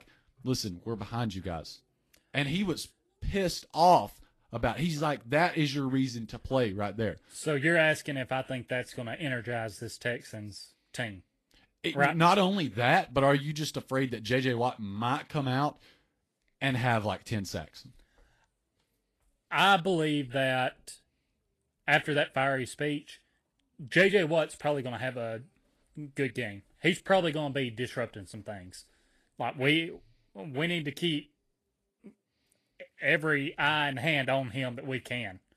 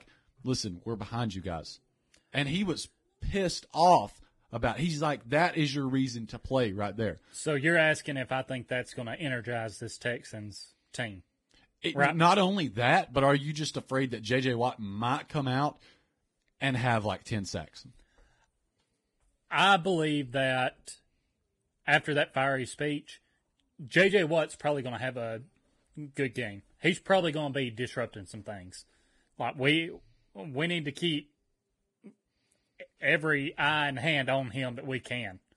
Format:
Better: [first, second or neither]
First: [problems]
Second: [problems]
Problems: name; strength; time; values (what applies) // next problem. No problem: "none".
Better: first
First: garbled, watery; slightly; nothing above 13 kHz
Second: garbled, watery; badly; nothing above 10.5 kHz